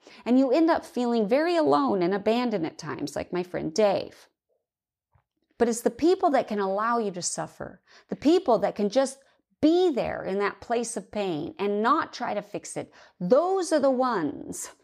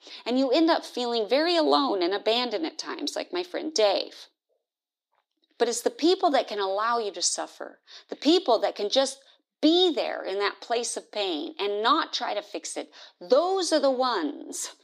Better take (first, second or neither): first